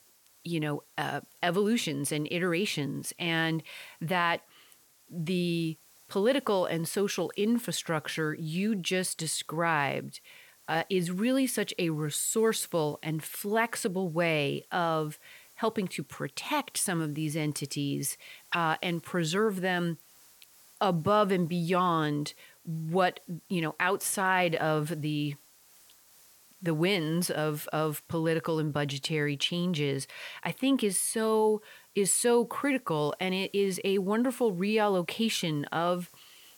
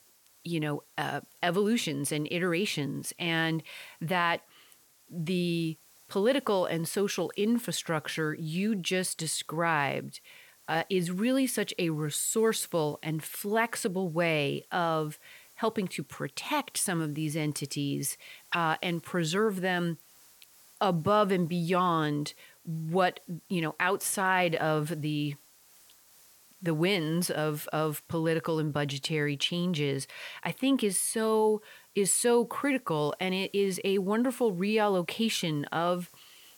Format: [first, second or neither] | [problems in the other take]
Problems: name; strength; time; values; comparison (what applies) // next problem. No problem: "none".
neither | hiss; faint; throughout; 25 dB below the speech; the same in both